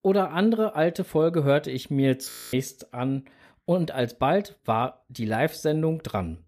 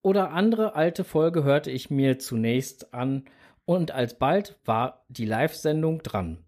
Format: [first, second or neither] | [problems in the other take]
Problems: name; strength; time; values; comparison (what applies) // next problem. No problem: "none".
second | audio freezing; at 2.5 s